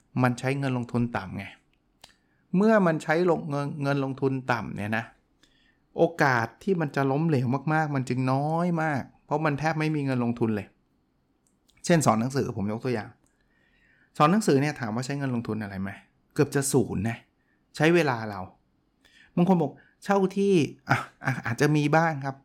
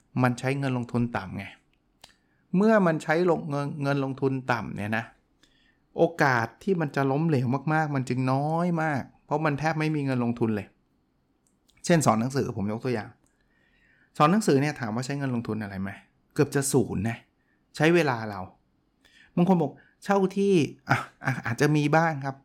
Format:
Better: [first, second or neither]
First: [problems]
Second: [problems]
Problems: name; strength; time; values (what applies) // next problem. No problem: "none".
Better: neither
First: none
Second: none